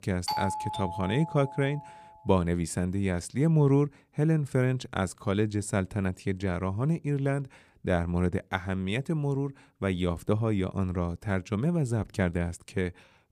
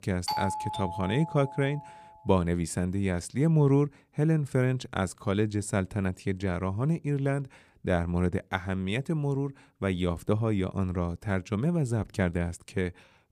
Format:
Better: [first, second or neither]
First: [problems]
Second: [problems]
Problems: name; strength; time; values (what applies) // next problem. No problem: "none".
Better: neither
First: doorbell; noticeable; until 2 s; peak 2 dB below the speech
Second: doorbell; noticeable; until 2 s; peak 2 dB below the speech